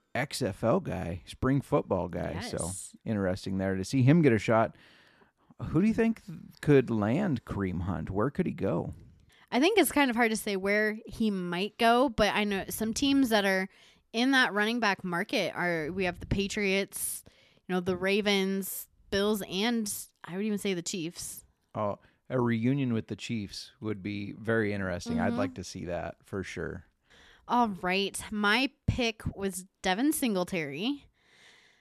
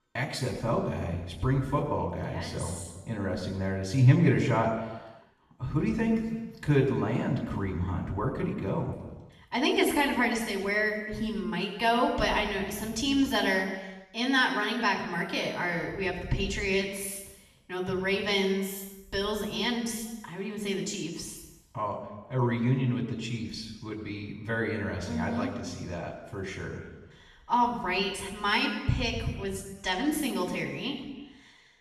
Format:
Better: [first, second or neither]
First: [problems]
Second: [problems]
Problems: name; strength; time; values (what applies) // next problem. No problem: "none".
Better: first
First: none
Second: room echo; noticeable; dies away in 1 s // off-mic speech; far